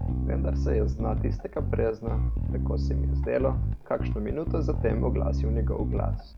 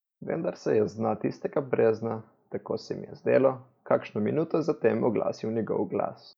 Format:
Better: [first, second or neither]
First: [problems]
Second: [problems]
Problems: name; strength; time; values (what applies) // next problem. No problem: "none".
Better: second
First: background sound (Bass guitar); 5 dB above the speech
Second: none